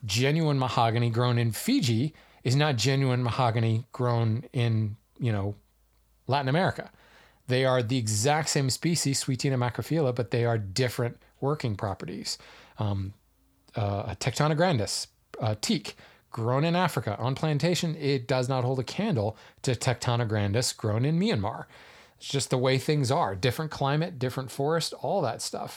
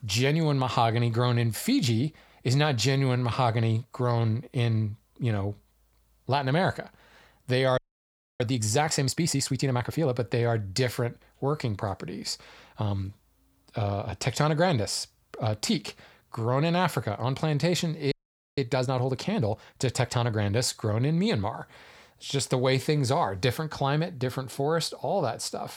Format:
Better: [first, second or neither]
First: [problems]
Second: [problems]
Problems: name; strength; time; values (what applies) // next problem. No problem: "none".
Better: first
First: none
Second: audio freezing; at 8 s for 0.5 s and at 18 s